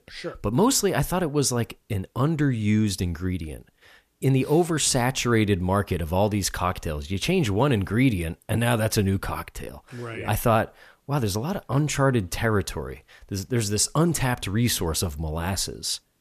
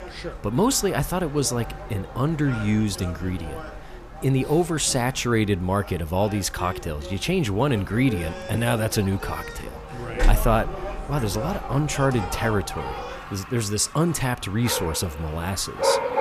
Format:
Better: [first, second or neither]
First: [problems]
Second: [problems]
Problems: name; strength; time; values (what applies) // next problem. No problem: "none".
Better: first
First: none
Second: animal sounds; loud; throughout; 9 dB below the speech